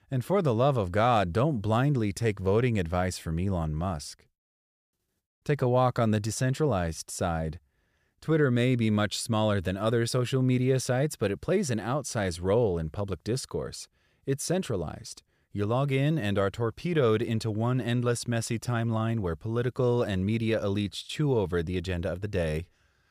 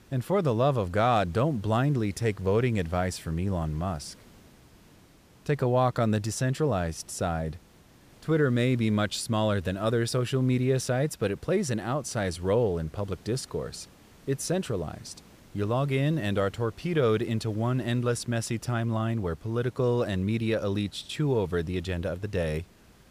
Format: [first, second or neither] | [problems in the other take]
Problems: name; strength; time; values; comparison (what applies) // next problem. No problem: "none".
first | hiss; faint; throughout; 25 dB below the speech